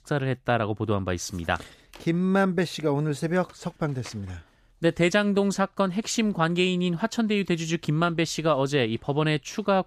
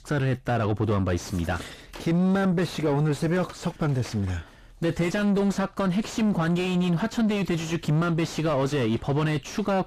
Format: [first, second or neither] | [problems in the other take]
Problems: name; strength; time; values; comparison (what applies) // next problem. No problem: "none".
first | distortion; heavy; 5 dB below the speech